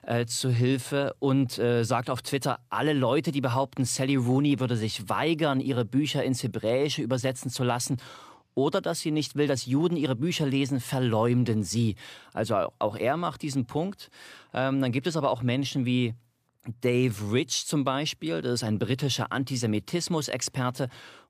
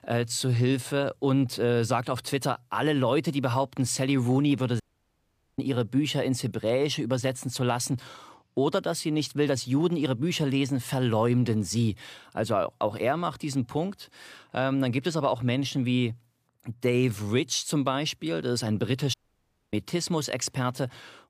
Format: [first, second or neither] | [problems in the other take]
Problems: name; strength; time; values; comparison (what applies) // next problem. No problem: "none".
first | audio cutting out; at 5 s for 1 s and at 19 s for 0.5 s